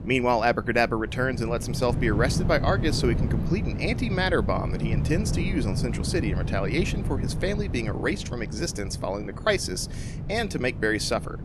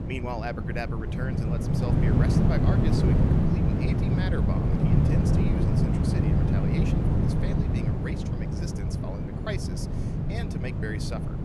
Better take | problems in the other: first | wind noise on the microphone; heavy; 4 dB above the speech; occasional gusts in the first

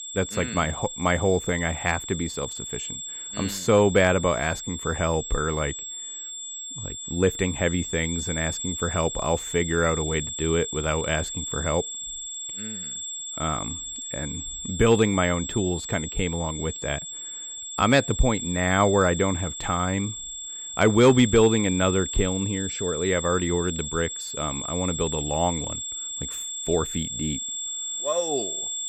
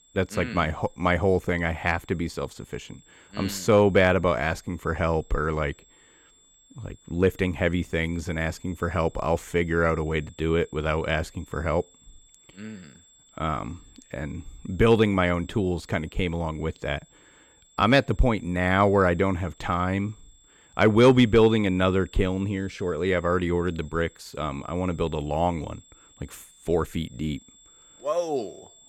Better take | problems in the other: second | high-pitched whine; loud; throughout; 7.5 kHz, 6 dB below the speech; faint in the second

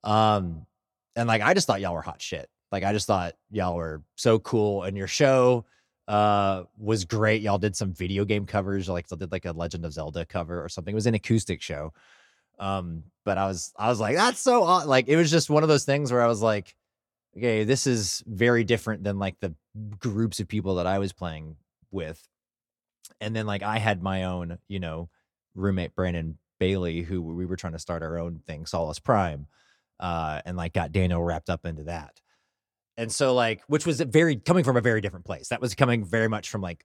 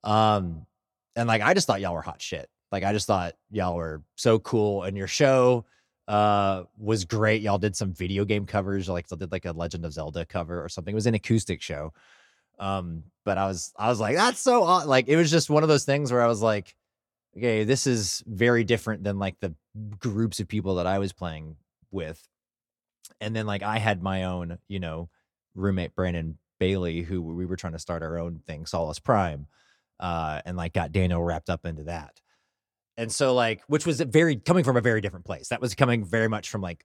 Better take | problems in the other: neither | none

